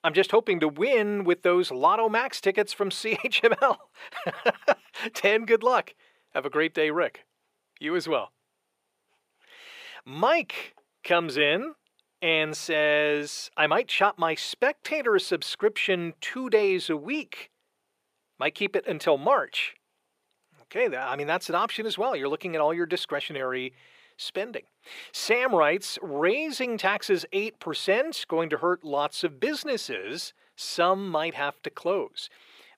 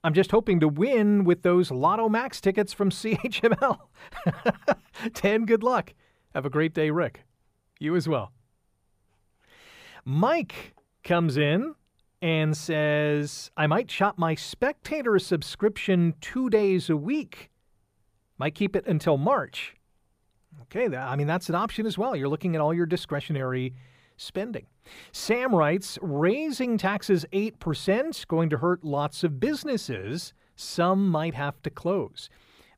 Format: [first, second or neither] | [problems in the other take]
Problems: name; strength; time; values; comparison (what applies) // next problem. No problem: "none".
second | thin; somewhat; fading below 450 Hz